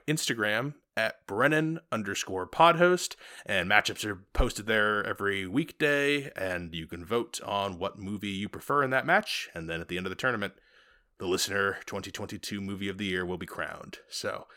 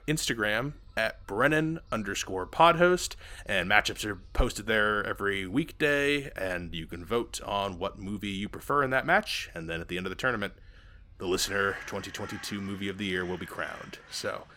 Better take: first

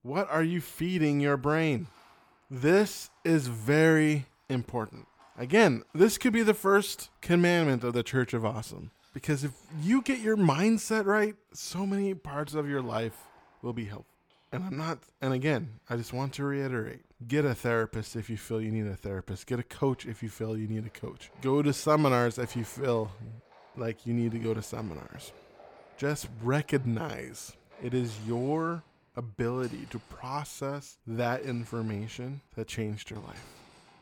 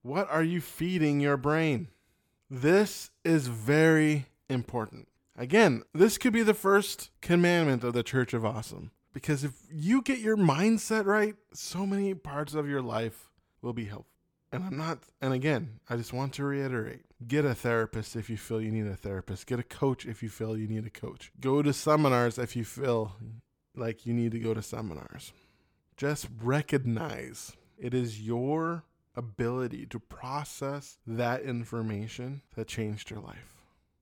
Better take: second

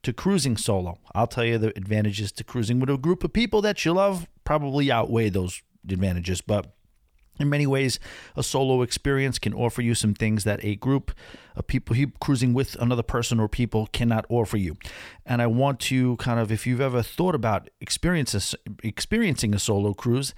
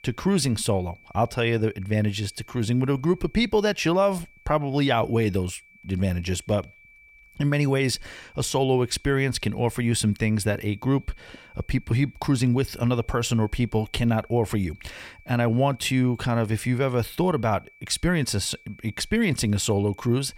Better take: first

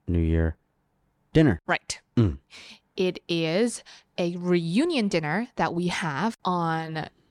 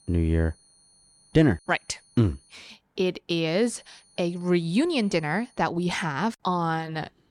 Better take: first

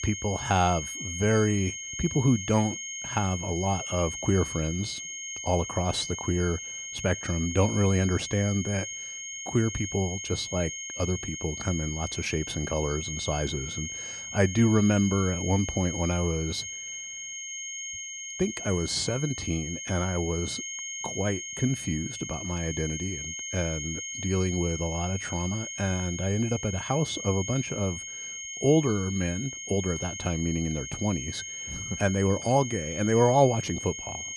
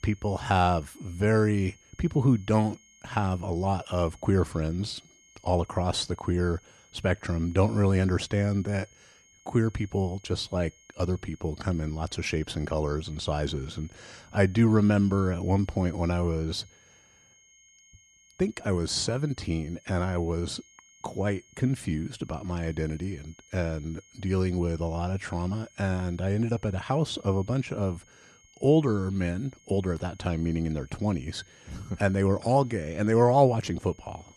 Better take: second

